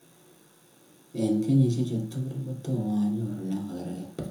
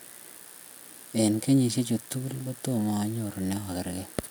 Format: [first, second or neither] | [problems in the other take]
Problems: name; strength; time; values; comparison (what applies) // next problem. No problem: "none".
second | room echo; dies away in 0.6 s